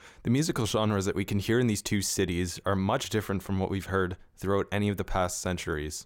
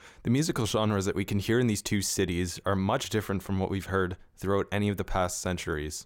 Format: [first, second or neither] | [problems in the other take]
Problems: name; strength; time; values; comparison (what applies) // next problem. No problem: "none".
neither | none